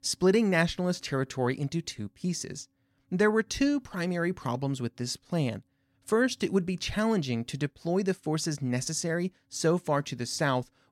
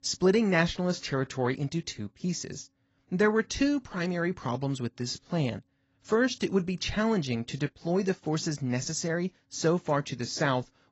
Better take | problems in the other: first | garbled, watery; badly; nothing above 7.5 kHz

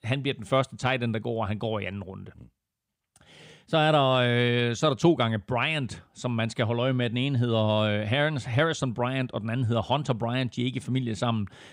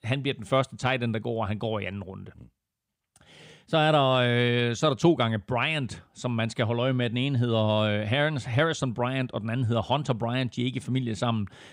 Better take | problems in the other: neither | none

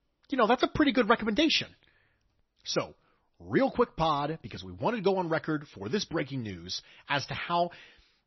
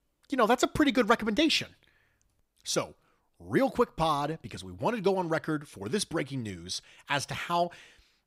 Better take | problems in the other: second | garbled, watery; slightly; nothing above 6 kHz

